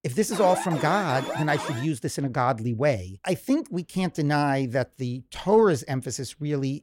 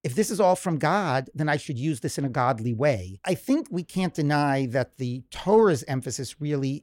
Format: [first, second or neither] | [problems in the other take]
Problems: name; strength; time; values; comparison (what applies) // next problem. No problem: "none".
second | alarm; noticeable; until 2 s; peak 6 dB below the speech